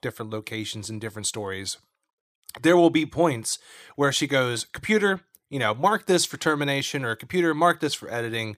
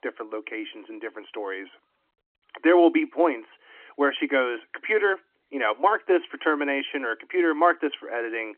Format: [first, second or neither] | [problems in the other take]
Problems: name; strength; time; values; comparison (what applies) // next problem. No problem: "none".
first | phone-call audio; nothing above 3 kHz